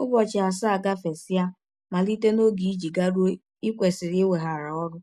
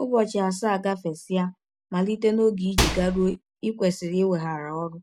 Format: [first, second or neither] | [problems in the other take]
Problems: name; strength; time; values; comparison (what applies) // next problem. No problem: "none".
first | background sound (Microwave oven); as loud as the speech